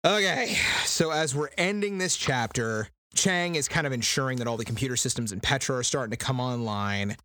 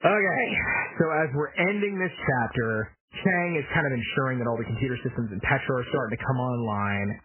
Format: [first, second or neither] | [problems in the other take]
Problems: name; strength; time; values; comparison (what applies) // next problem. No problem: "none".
first | garbled, watery; badly; nothing above 3 kHz